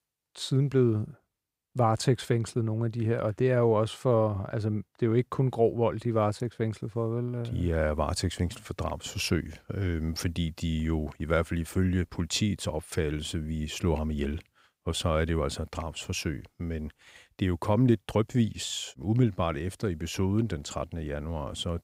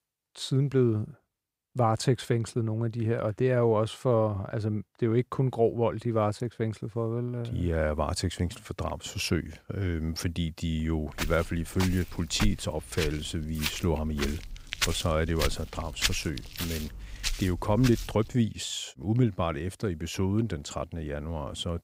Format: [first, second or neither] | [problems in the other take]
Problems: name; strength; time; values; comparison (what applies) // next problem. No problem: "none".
first | footsteps; loud; from 11 to 18 s; peak level with the speech